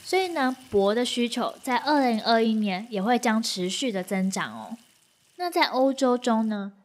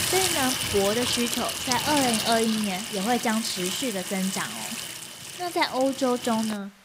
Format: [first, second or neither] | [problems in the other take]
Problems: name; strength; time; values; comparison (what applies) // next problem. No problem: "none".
first | household noises; loud; throughout; 2 dB below the speech; faint in the first